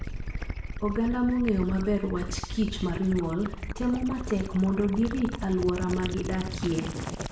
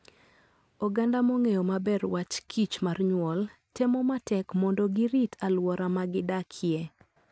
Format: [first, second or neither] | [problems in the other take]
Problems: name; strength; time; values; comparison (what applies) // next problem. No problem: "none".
second | background sound (Gurgling / Liquid); 6 dB below the speech // room echo; dies away in 0.6 s